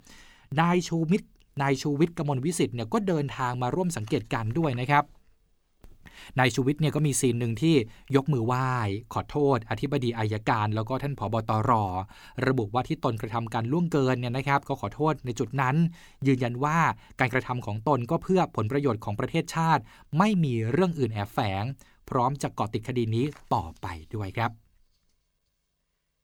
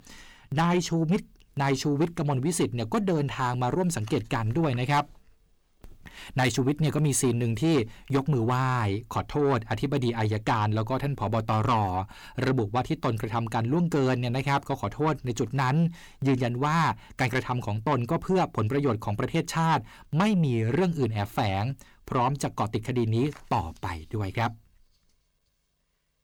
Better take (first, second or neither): first